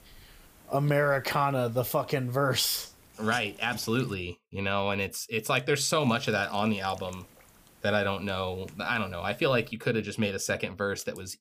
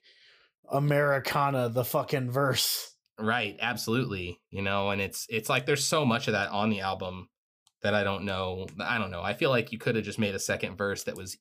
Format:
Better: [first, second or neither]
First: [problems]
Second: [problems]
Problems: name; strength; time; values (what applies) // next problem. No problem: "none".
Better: second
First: hiss; faint; until 4 s and from 6 to 9.5 s; 20 dB below the speech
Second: none